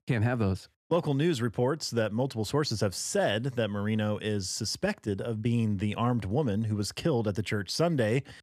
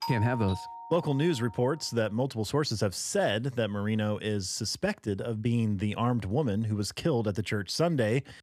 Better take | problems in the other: first | doorbell; noticeable; until 1.5 s; peak 6 dB below the speech

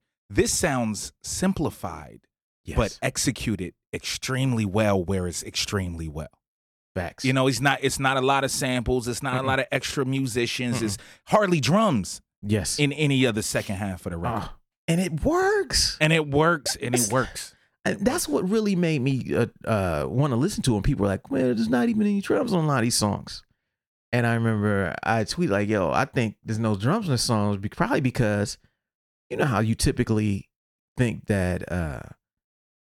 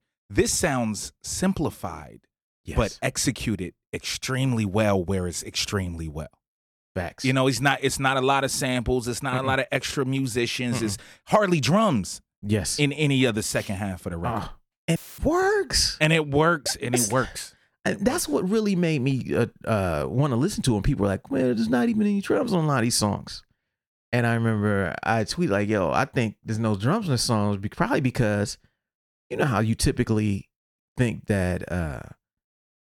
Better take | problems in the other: first | audio cutting out; filled with static; at 15 s

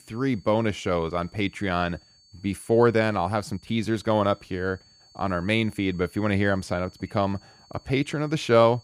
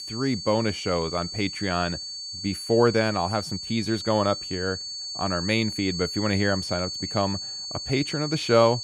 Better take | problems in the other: first | high-pitched whine; loud; throughout; 4.5 kHz, 6 dB below the speech; faint in the first

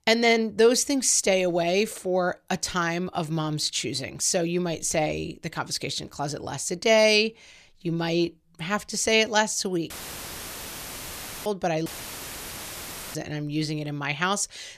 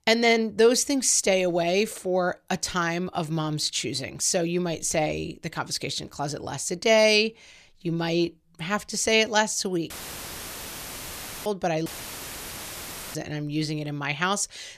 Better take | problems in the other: neither | audio cutting out; filled with static; at 10 s for 1.5 s and at 12 s for 1.5 s; the same in both

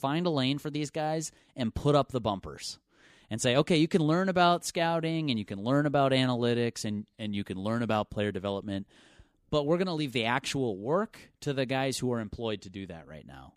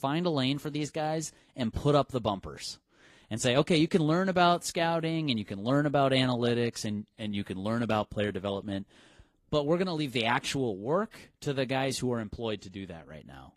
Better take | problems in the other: first | garbled, watery; slightly; nothing above 14.5 kHz

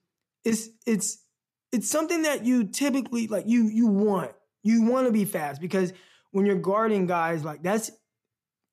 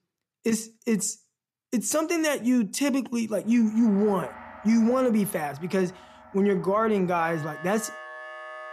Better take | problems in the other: first | background music; noticeable; from 4 s on; 15 dB below the speech

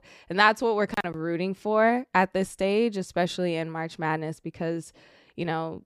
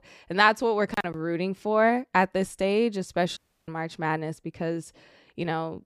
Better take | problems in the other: first | audio cutting out; at 3.5 s

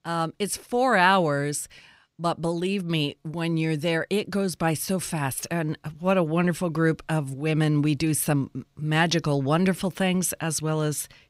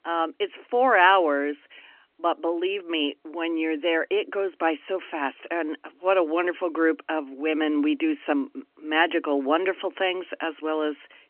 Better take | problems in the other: first | phone-call audio; nothing above 3 kHz

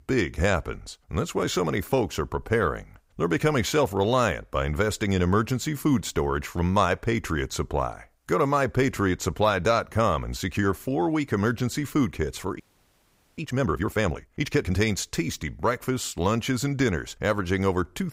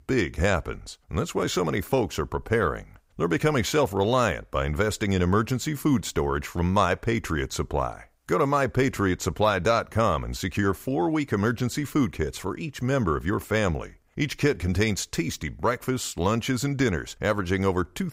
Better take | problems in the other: second | audio freezing; at 13 s for 1 s

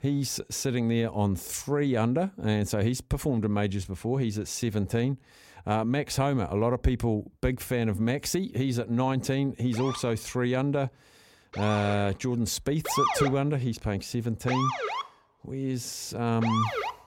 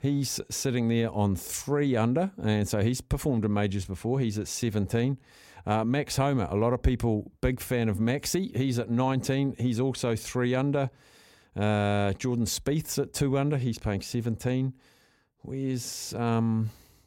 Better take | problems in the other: second | siren; loud; from 9.5 s on; peak 2 dB above the speech

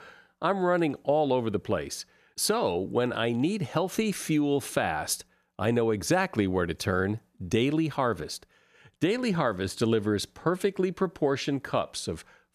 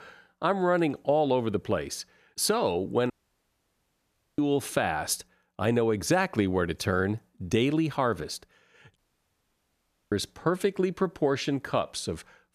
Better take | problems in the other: first | audio cutting out; at 3 s for 1.5 s and at 9 s for 1 s

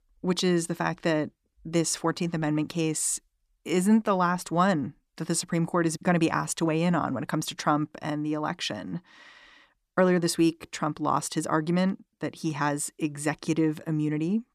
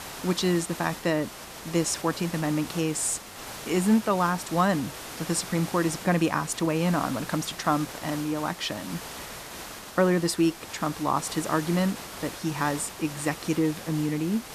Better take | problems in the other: first | hiss; noticeable; throughout; 10 dB below the speech

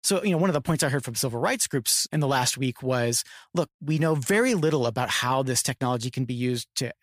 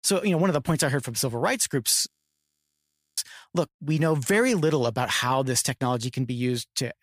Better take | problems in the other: first | audio freezing; at 2 s for 1 s

